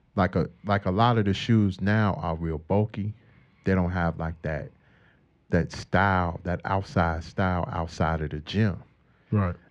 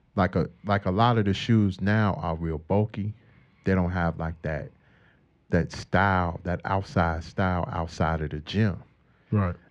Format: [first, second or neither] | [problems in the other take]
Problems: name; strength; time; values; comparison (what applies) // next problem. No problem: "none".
neither | muffled; slightly; fading above 2.5 kHz; the same in both